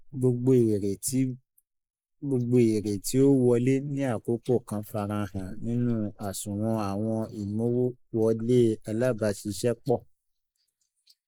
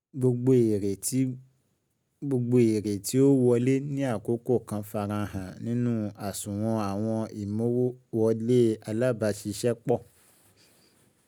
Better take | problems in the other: second | noise reduction (neural mask model Resemble Enhance denoiser)

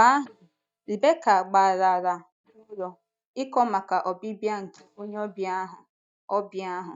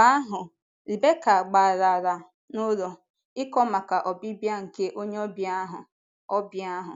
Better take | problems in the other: second | noise reduction (neural mask model DeepFilterNet 3)

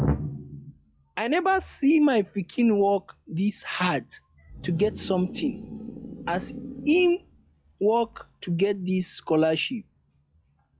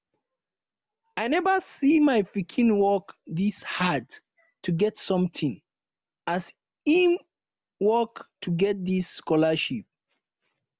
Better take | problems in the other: second | noise reduction (classical method log-MMSE)

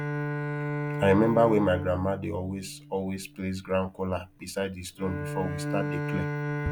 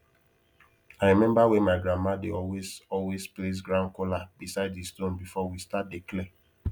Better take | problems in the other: second | background sound (Bowed string instrument); 5 dB below the speech

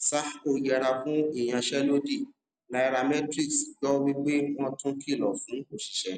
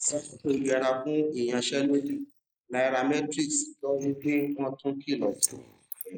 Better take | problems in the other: first | noise reduction (neural mask model Resemble Enhance denoiser)

